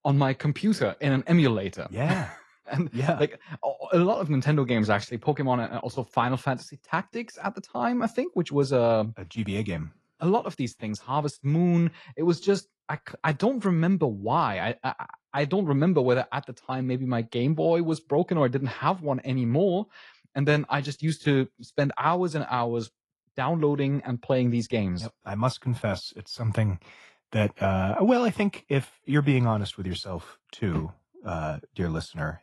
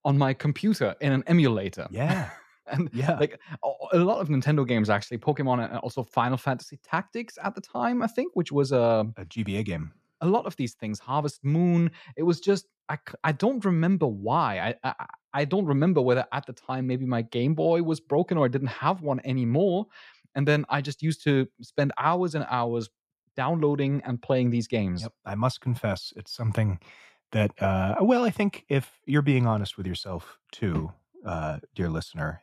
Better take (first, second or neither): second